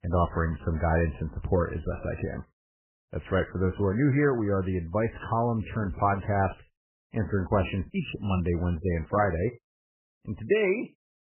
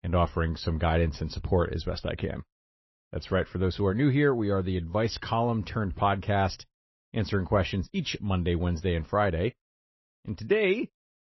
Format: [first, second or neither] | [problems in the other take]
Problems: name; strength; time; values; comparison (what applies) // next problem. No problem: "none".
second | garbled, watery; badly; nothing above 3 kHz; slightly in the second